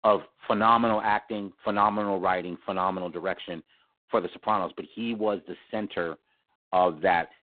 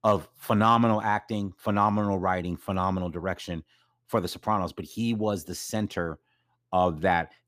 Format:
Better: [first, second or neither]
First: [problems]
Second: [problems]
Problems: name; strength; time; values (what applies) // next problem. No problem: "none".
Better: second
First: phone-call audio; poor line; nothing above 4 kHz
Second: none